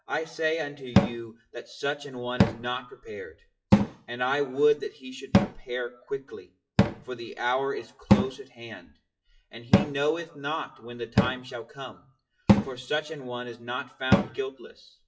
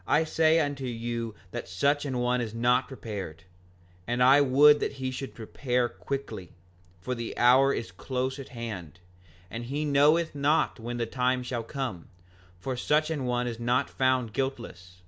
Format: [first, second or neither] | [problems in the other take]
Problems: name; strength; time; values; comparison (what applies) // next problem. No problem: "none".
second | noise reduction (classical method WPE with log-MMSE)